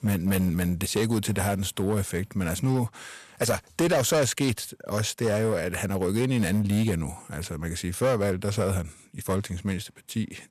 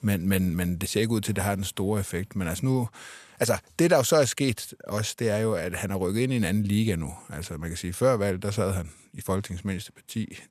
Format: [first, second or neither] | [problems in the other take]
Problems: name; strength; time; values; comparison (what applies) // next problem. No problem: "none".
second | distortion; slight; 8% of the sound clipped